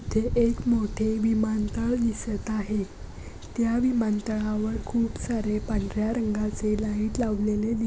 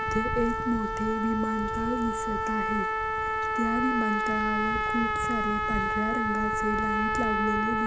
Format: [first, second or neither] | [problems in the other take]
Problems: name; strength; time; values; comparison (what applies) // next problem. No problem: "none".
first | background sound (Trumpet); 2 dB above the speech